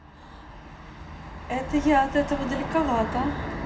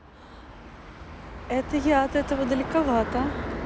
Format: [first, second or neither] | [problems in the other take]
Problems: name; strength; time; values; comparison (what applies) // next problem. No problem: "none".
second | room echo; dies away in 0.4 s